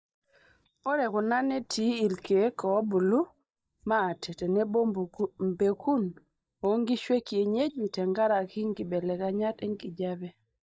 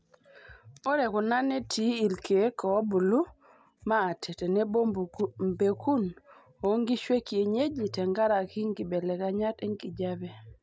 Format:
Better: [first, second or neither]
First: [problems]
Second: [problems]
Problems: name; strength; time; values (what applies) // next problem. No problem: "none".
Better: second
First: noise reduction (neural mask model DeepFilterNet 3)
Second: none